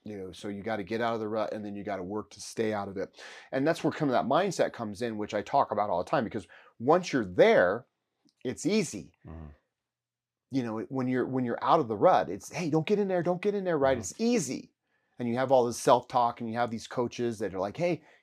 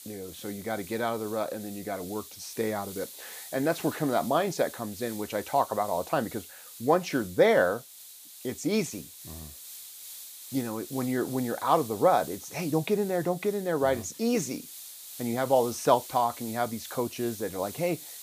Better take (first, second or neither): first